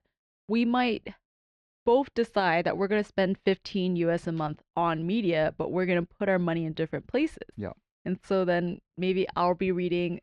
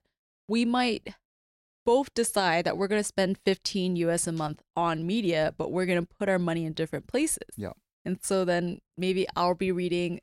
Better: second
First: muffled; slightly; fading above 3.5 kHz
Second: none

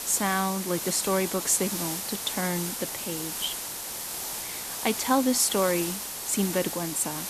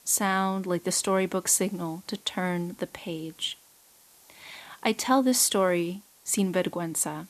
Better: second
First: hiss; loud; throughout; 4 dB below the speech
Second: hiss; faint; throughout; 25 dB below the speech

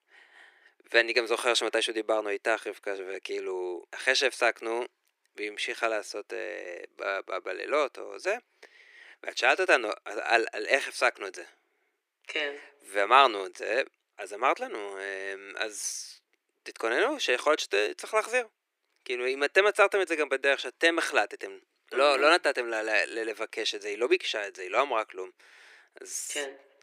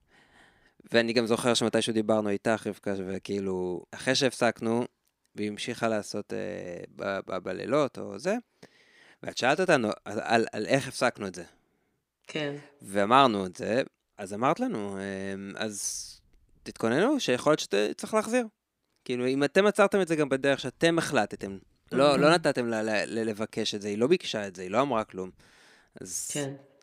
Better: second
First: thin; very; fading below 350 Hz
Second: none

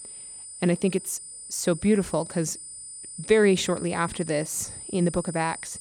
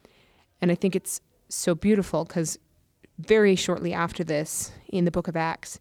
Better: second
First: high-pitched whine; noticeable; throughout; 9 kHz, 10 dB below the speech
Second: none

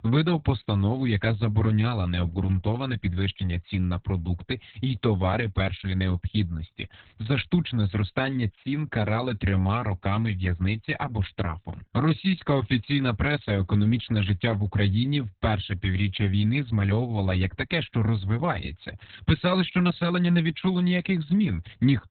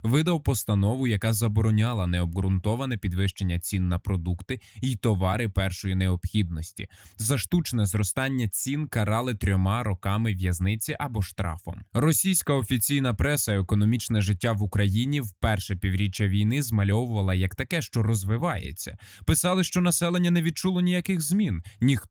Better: second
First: garbled, watery; badly; nothing above 4 kHz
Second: garbled, watery; slightly

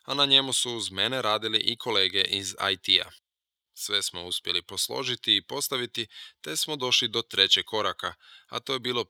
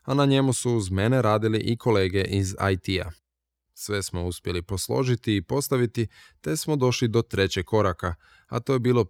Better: second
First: thin; somewhat; fading below 1 kHz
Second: none

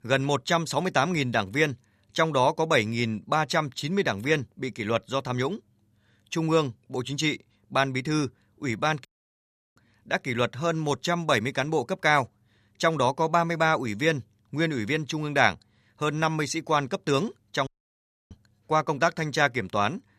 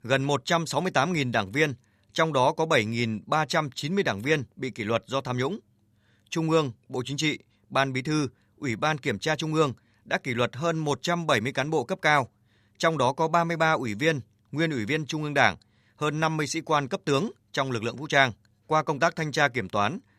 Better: second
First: audio cutting out; at 9 s for 0.5 s and at 18 s for 0.5 s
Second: none

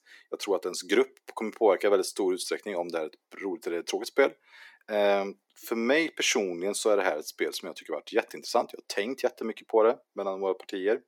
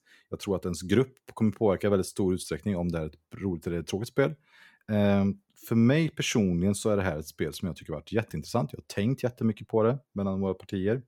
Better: second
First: thin; very; fading below 300 Hz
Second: none

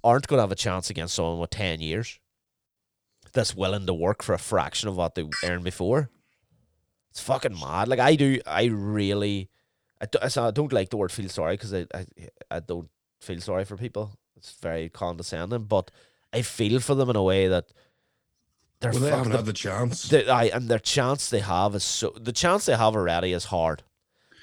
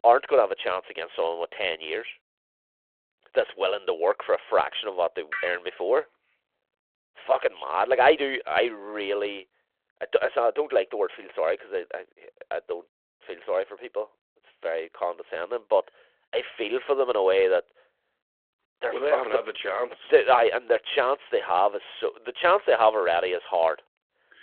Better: first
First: none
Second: phone-call audio

